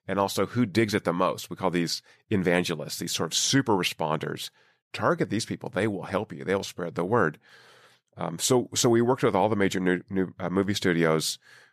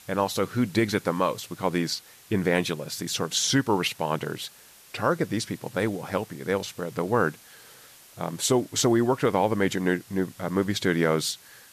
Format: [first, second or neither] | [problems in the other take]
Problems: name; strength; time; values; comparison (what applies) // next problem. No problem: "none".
first | hiss; faint; throughout; 25 dB below the speech